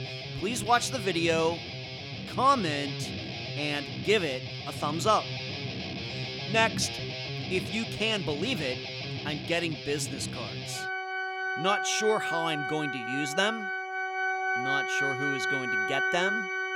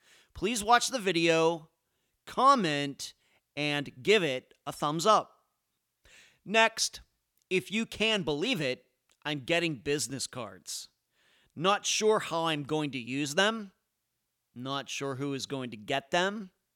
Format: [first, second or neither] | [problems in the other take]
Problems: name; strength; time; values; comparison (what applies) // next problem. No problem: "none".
second | background music; loud; throughout; 3 dB below the speech